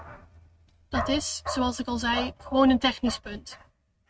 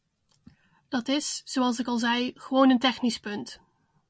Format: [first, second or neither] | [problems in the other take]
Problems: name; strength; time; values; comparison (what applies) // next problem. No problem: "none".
second | noise reduction (neural mask model RNNoise)